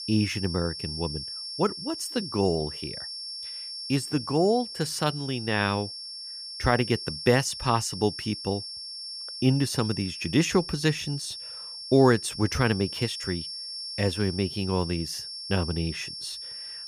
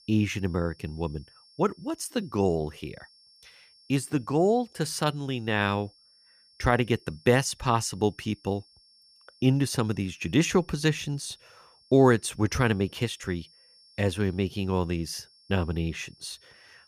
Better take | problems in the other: second | high-pitched whine; loud; throughout; 5.5 kHz, 8 dB below the speech; faint in the second

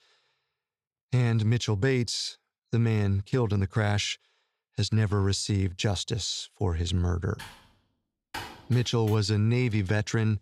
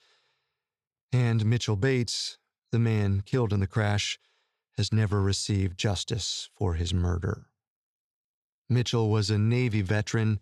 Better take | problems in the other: second | keyboard typing; faint; from 7.5 to 9 s; peak 10 dB below the speech

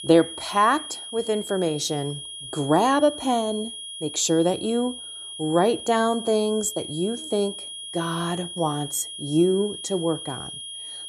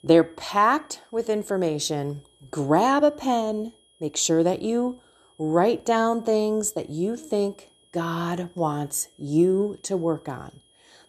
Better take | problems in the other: second | high-pitched whine; loud; throughout; 3.5 kHz, 10 dB below the speech; faint in the second

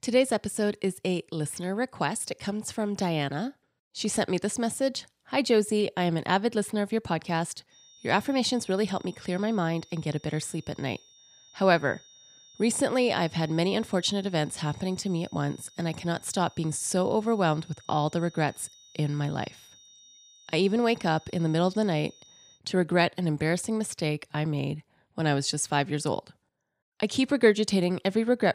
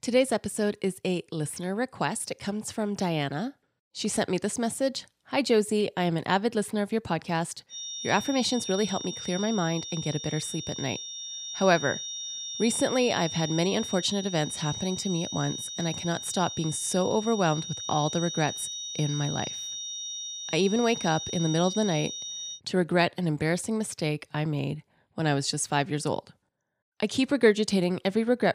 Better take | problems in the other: first | high-pitched whine; loud; from 7.5 to 23 s; 3.5 kHz, 6 dB below the speech; faint in the first

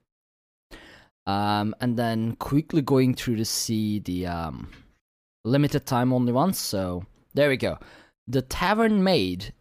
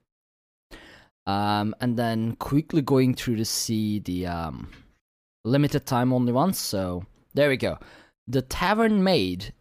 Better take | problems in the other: neither | none

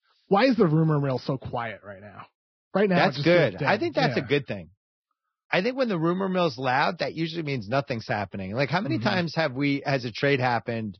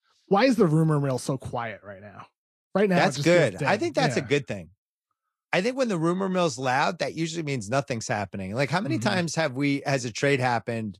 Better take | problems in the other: second | garbled, watery; badly; nothing above 5.5 kHz; slightly in the second

